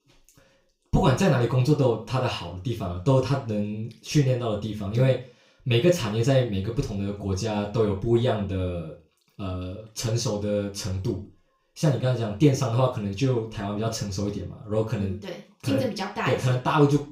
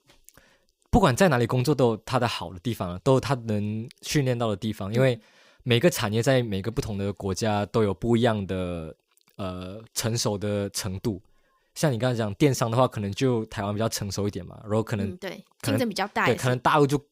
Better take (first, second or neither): second